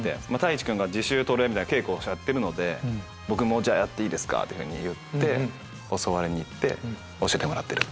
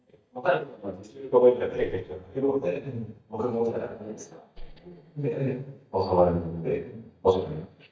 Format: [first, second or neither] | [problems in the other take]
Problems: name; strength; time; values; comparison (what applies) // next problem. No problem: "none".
first | noise reduction (neural mask model DeepFilterNet 3)